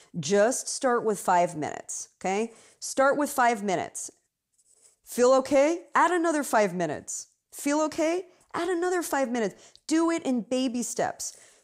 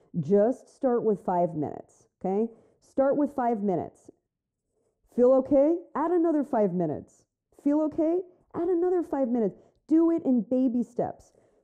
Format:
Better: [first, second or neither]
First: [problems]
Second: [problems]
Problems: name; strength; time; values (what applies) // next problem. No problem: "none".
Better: first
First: none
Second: muffled; very; fading above 1 kHz